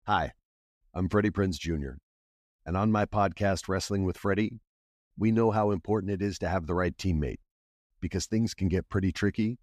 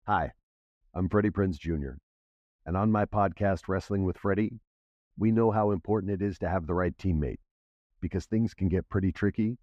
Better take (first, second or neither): first